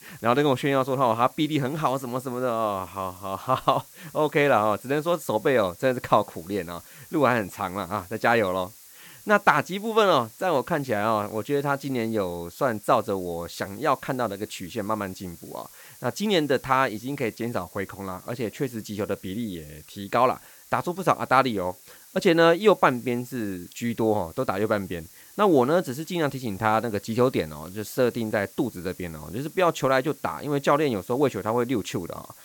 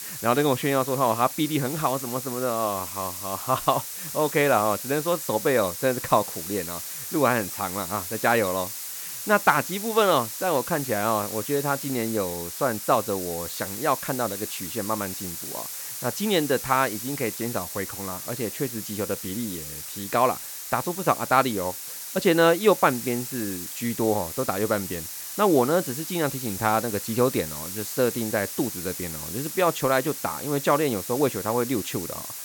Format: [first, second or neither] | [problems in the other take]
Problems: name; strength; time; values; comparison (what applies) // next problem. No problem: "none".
first | hiss; loud; throughout; 7 dB below the speech; faint in the first